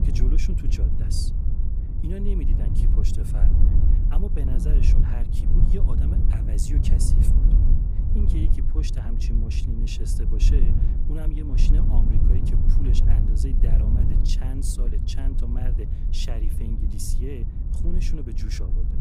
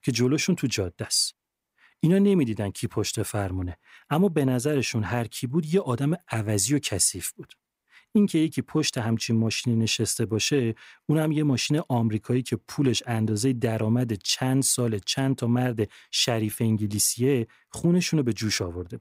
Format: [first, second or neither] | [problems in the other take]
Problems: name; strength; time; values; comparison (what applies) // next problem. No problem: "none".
second | wind noise on the microphone; heavy; 1 dB below the speech